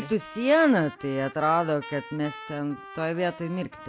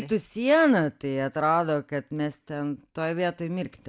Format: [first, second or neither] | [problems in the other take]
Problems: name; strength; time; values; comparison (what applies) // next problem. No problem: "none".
second | background sound (Trumpet); 17 dB below the speech